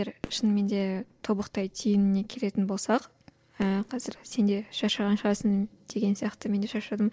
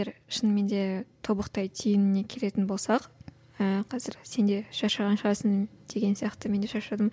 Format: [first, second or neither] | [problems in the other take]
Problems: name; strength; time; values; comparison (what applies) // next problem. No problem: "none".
second | noise reduction (neural separator model SepFormer DNS4)